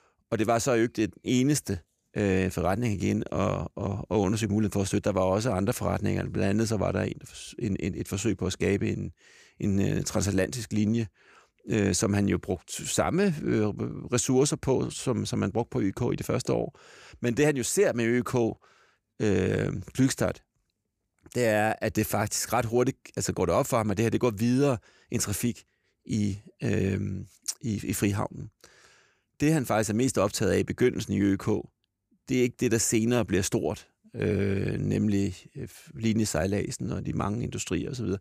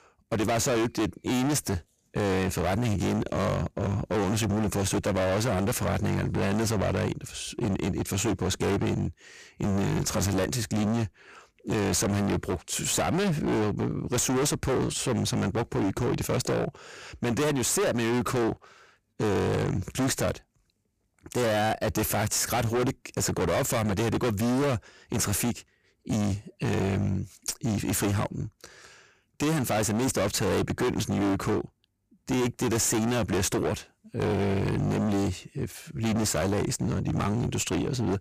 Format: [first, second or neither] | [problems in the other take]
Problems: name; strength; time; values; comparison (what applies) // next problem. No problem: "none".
first | distortion; heavy; 30% of the sound clipped